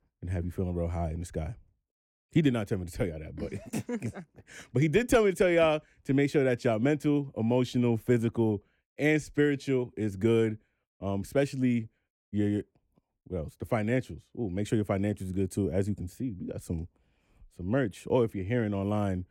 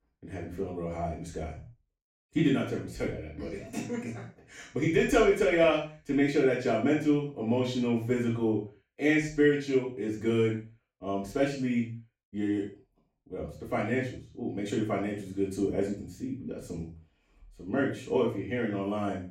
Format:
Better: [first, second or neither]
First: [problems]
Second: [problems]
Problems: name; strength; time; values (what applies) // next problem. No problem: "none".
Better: first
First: none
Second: room echo; noticeable; dies away in 0.3 s // off-mic speech; far